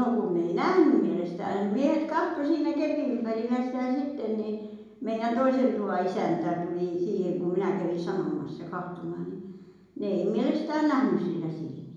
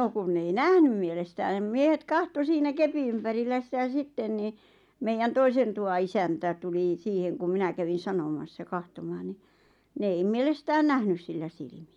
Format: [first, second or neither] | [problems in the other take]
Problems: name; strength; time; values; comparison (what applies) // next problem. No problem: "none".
second | room echo; dies away in 0.9 s